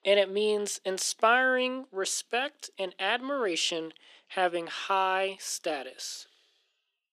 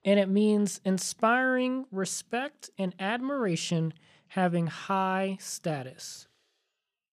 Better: second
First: thin; somewhat; fading below 300 Hz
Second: none

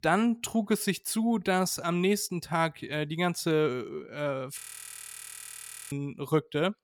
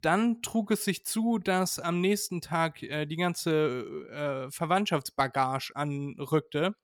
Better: second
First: audio freezing; at 4.5 s for 1.5 s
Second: none

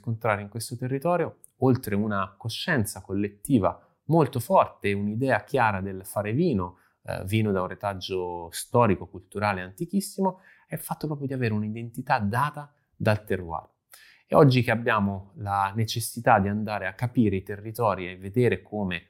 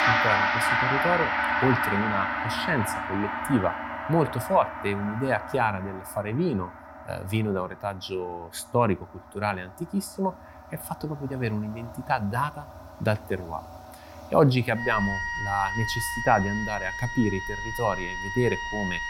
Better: first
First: none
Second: background music; loud; throughout; as loud as the speech

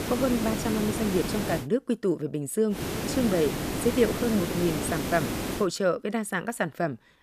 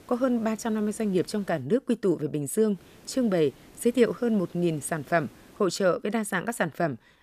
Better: second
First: hiss; loud; until 1.5 s and from 3 to 5.5 s; 3 dB below the speech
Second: hiss; faint; until 1.5 s and from 3 to 5.5 s; 25 dB below the speech

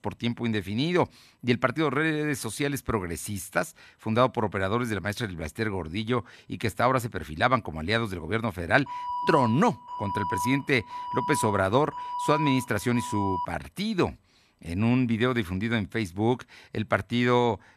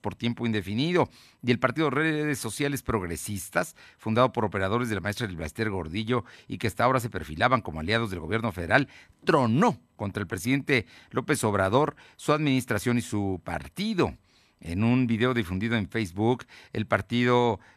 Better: second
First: alarm; noticeable; from 9 to 13 s; peak 3 dB below the speech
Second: none

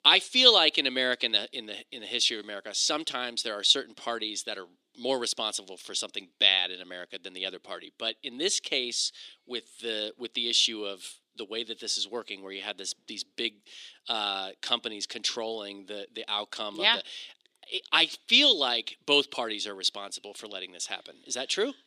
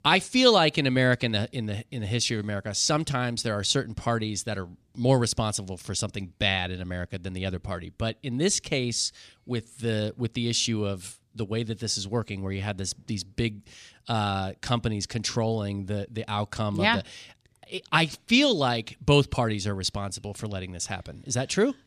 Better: second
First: thin; somewhat; fading below 300 Hz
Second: none

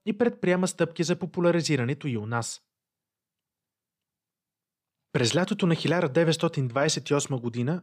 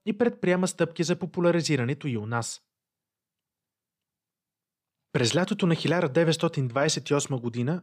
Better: neither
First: none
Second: none

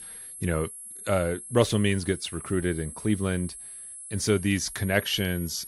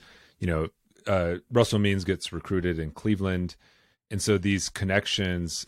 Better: second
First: high-pitched whine; noticeable; throughout; 11 kHz, 10 dB below the speech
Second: none

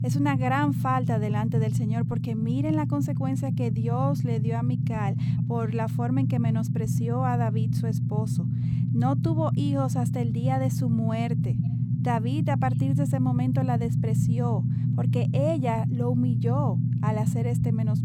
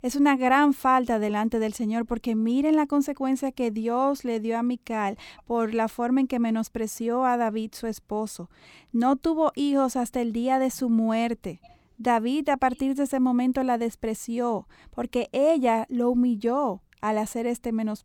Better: second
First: low rumble; loud; throughout; 5 dB below the speech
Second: none

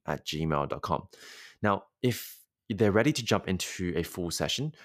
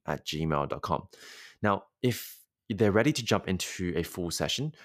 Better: neither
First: none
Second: none

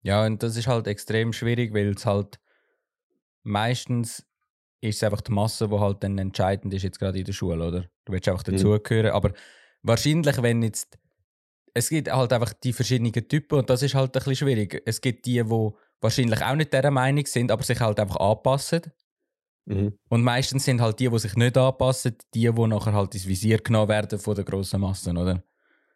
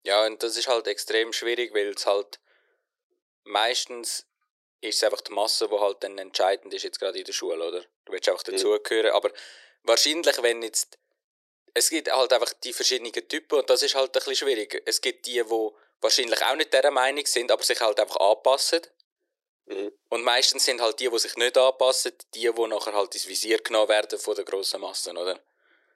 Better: first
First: none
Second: thin; very; fading below 350 Hz

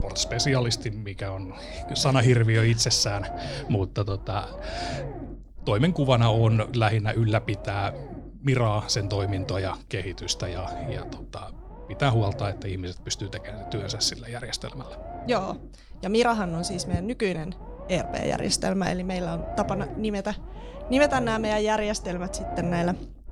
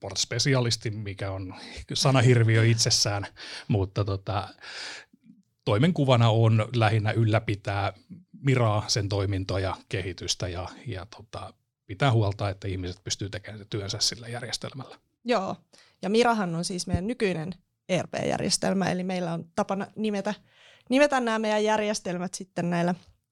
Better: second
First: low rumble; noticeable; throughout; 10 dB below the speech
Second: none

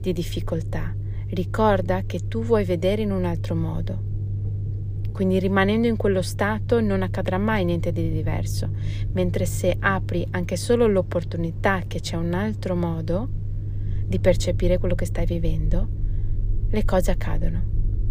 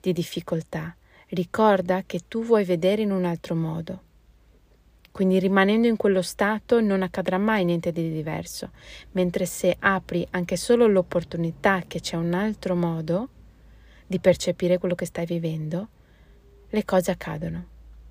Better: second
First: low rumble; noticeable; throughout; 20 dB below the speech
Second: none

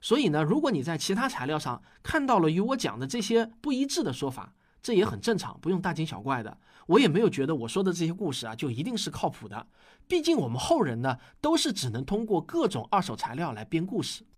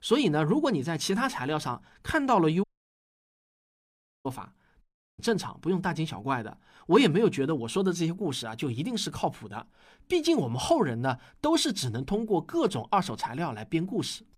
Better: first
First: none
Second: audio cutting out; at 2.5 s for 1.5 s and at 5 s

